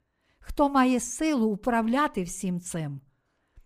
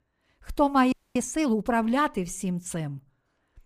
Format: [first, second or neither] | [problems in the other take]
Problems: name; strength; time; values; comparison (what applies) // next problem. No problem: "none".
first | audio freezing; at 1 s